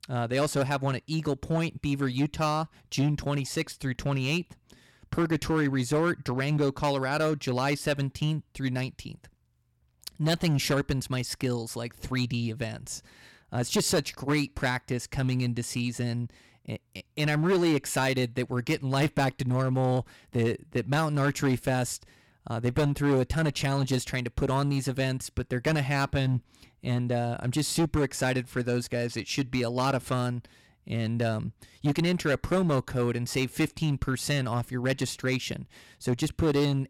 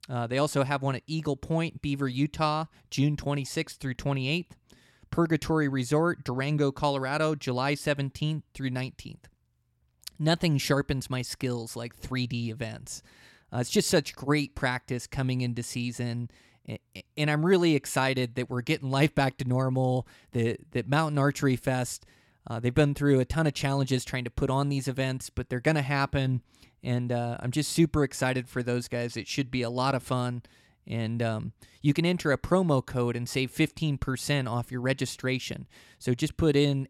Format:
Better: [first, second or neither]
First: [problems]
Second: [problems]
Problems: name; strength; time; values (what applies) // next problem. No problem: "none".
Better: second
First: distortion; slight; 6% of the sound clipped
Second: none